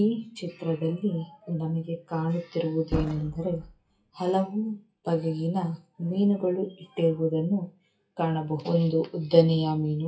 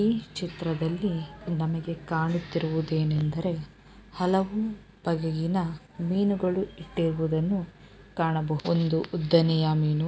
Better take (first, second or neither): second